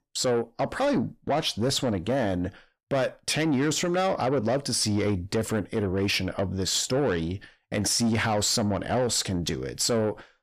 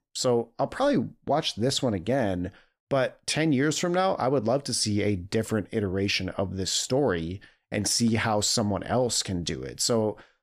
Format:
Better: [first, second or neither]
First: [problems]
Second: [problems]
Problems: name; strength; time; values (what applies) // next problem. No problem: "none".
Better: second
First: distortion; slight; 10 dB below the speech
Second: none